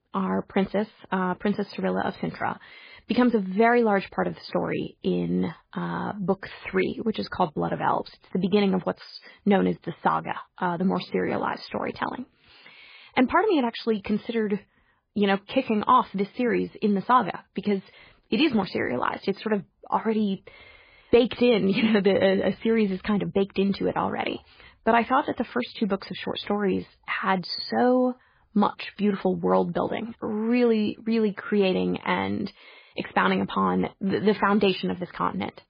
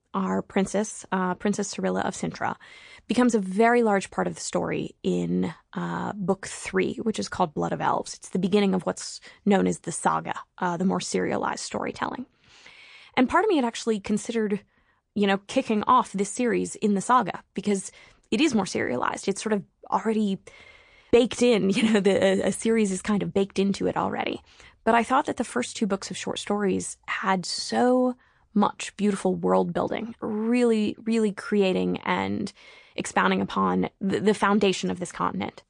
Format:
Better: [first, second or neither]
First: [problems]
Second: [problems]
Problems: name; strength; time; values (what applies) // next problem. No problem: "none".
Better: second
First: garbled, watery; badly; nothing above 4.5 kHz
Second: garbled, watery; slightly; nothing above 8 kHz